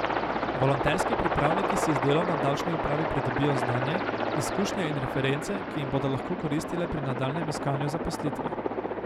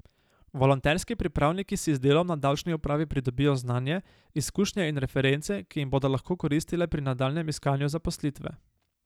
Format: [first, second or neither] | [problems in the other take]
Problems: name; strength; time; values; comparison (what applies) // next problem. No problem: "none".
second | background sound (Aircraft); 1 dB above the speech